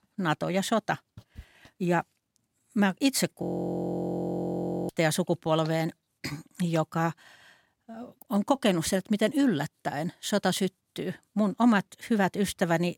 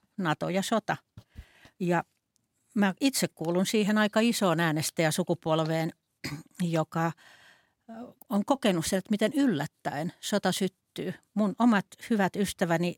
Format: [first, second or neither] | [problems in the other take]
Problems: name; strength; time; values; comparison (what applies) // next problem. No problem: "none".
second | audio freezing; at 3.5 s for 1.5 s